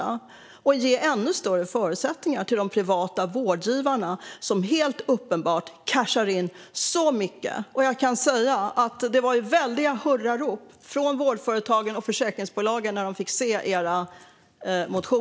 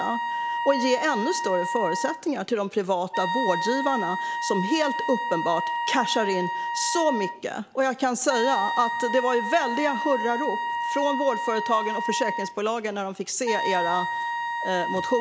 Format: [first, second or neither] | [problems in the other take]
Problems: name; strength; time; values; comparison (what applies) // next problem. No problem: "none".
first | background sound (Wind instrument, woodwind instrument); 3 dB below the speech